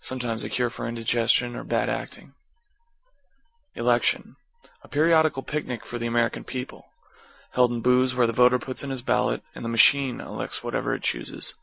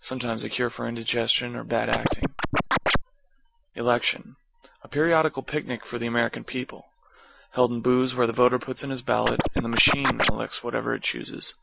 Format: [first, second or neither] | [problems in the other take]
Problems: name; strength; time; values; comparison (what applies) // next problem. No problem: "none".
first | background sound (Scratching (performance technique)); 3 dB above the speech